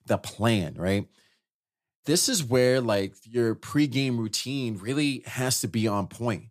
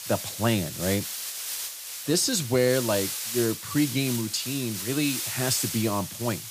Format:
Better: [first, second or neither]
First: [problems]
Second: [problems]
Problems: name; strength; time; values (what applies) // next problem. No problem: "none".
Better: first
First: none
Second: hiss; loud; throughout; 4 dB below the speech